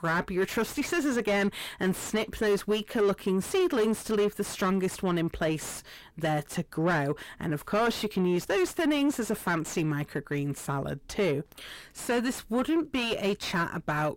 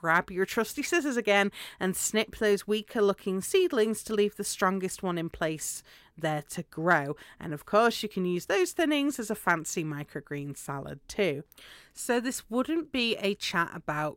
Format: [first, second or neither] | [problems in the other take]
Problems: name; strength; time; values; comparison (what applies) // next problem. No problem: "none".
second | distortion; heavy; 6 dB below the speech